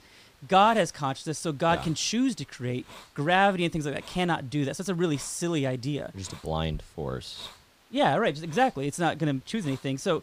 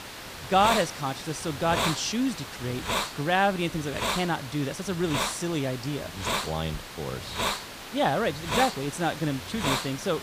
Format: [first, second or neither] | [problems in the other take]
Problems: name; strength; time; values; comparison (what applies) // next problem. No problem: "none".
first | hiss; loud; throughout; 4 dB below the speech; faint in the first